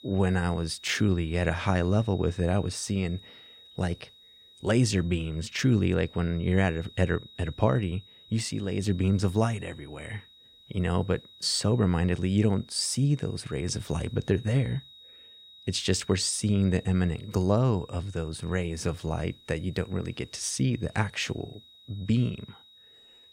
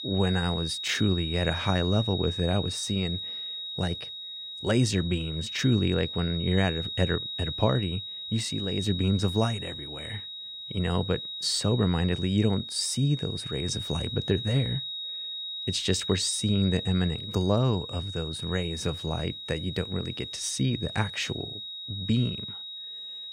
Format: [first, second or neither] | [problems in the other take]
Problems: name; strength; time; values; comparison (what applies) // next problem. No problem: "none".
first | high-pitched whine; loud; throughout; 4 kHz, 6 dB below the speech; faint in the first